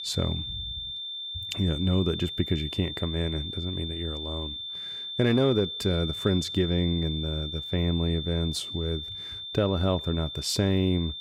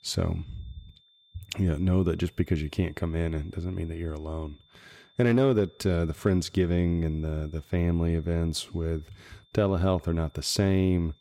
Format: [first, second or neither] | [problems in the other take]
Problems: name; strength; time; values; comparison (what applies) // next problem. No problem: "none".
second | high-pitched whine; loud; throughout; 3.5 kHz, 6 dB below the speech; faint in the second